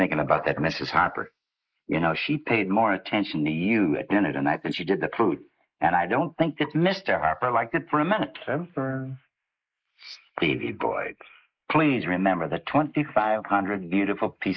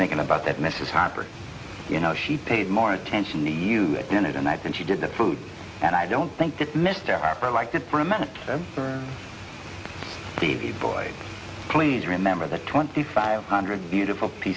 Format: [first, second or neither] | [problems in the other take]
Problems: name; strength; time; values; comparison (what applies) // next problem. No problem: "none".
second | noise reduction (neural mask model Resemble Enhance denoiser)